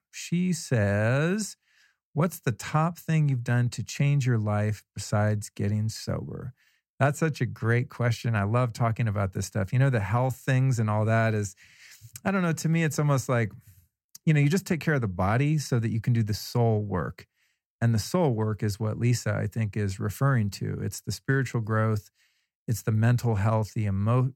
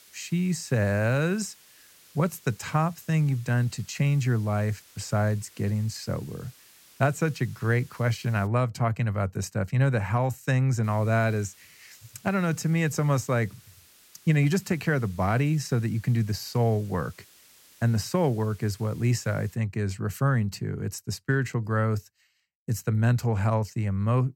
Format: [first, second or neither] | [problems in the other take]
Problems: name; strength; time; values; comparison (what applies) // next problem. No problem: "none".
first | hiss; faint; until 8.5 s and from 11 to 20 s; 25 dB below the speech